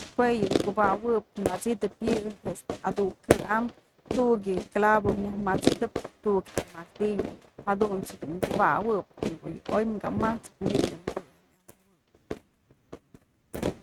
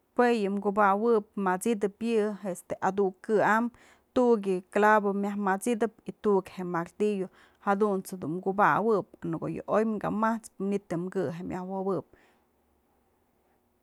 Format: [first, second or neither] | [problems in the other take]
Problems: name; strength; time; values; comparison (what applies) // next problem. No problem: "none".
second | noise reduction (neural mask model RNNoise)